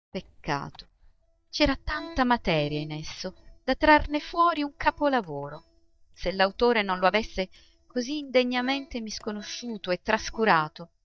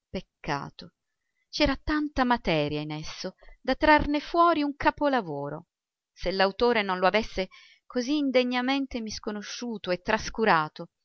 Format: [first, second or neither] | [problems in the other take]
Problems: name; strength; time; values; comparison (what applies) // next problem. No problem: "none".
second | noise reduction (neural mask model DeepFilterNet 3)